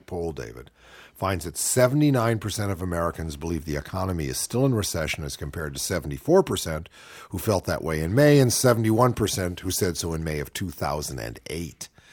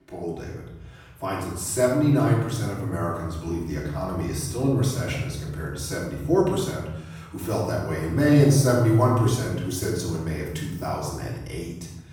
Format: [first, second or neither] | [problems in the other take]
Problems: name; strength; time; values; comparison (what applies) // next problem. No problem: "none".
first | off-mic speech; far // room echo; noticeable; dies away in 1.3 s